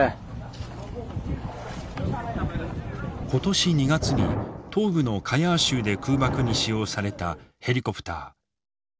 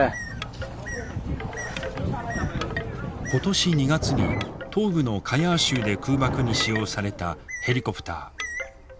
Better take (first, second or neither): first